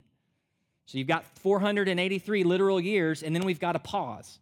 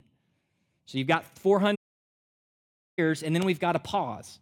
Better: first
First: none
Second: audio cutting out; at 2 s for 1 s

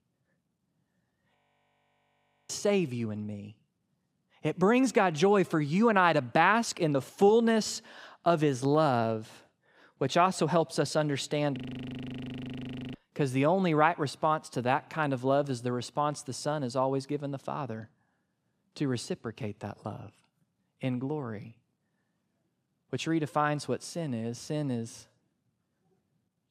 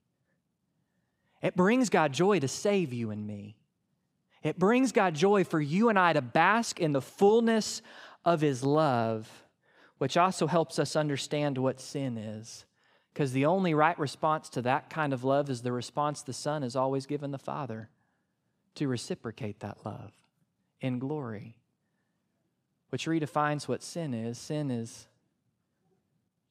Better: second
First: audio freezing; at 1.5 s for 1 s and at 12 s for 1.5 s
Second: none

